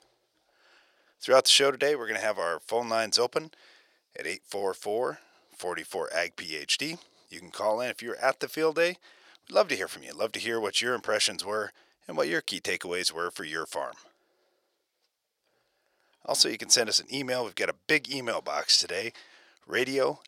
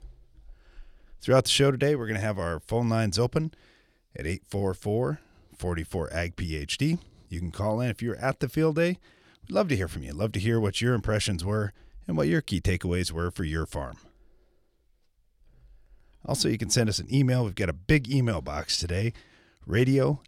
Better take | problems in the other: second | thin; very; fading below 600 Hz

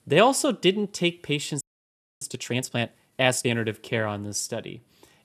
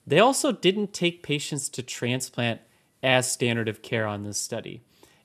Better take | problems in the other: second | audio freezing; at 1.5 s for 0.5 s

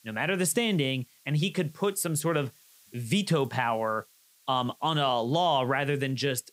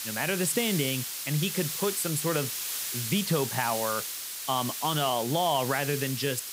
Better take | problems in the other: first | hiss; loud; throughout; 3 dB below the speech; faint in the first

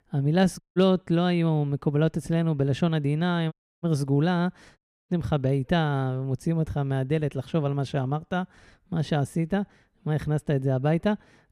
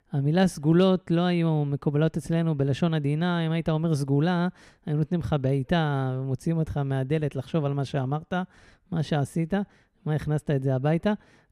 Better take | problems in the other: second | audio cutting out; at 0.5 s, at 3.5 s and at 5 s

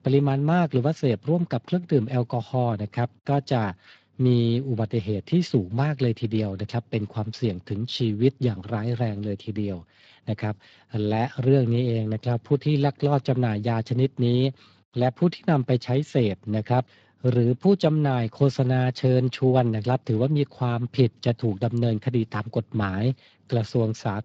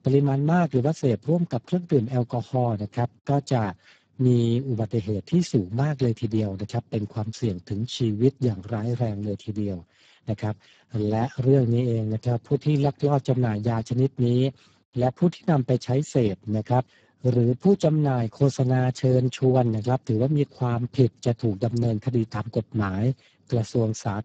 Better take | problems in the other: first | garbled, watery; badly; nothing above 7.5 kHz; slightly in the first

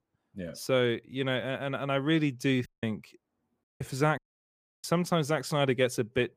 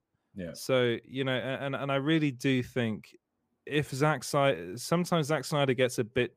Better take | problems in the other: second | audio cutting out; at 2.5 s, at 3.5 s and at 4 s for 0.5 s

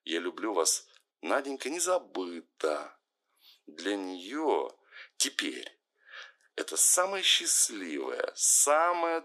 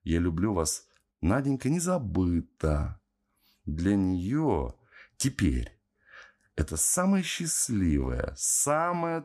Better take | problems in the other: second | thin; very; fading below 350 Hz

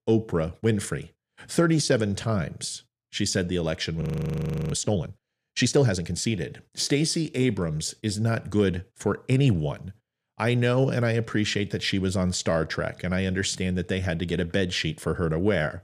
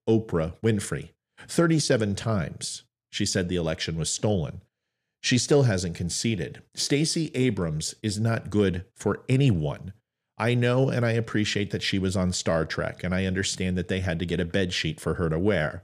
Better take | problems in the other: second | audio freezing; at 4 s for 0.5 s

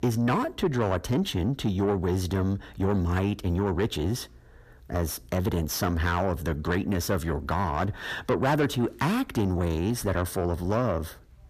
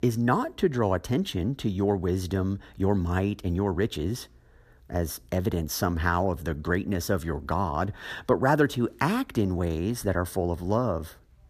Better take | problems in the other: second | distortion; slight; 10 dB below the speech

